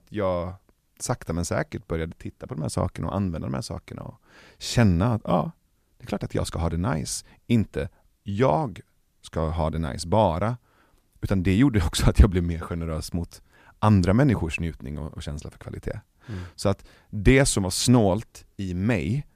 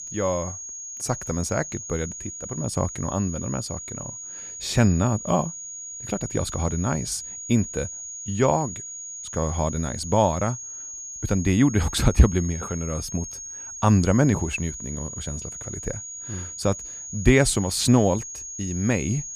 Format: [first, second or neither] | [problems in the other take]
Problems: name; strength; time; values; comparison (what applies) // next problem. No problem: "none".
first | high-pitched whine; loud; throughout; 6.5 kHz, 9 dB below the speech